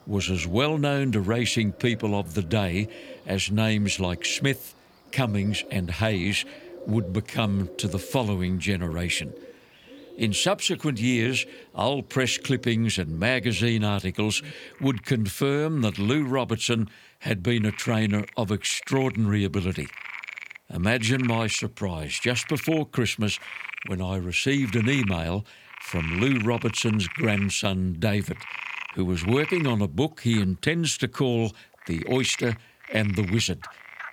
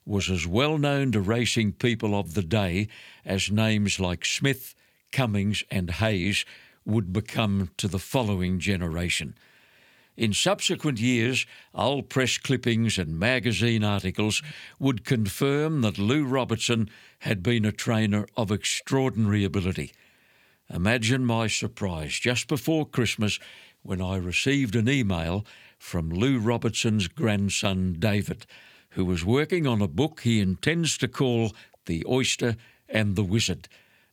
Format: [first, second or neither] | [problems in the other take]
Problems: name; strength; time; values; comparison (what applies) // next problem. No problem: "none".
second | animal sounds; noticeable; throughout; 15 dB below the speech